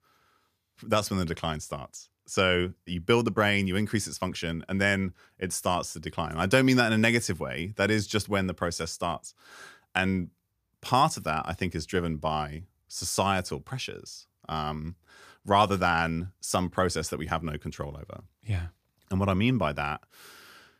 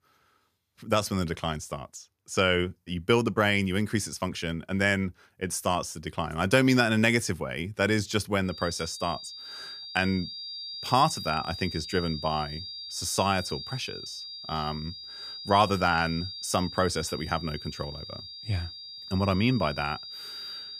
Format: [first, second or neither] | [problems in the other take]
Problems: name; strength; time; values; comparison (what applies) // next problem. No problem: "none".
first | high-pitched whine; noticeable; from 8.5 s on; 4.5 kHz, 10 dB below the speech